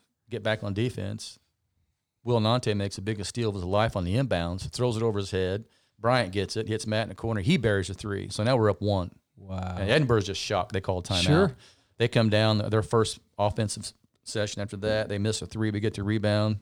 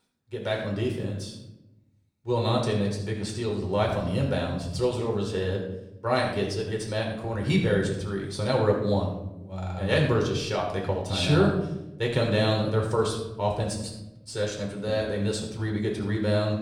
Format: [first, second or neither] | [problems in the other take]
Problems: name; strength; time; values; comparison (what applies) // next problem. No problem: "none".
first | off-mic speech; somewhat distant // room echo; noticeable; dies away in 0.7 s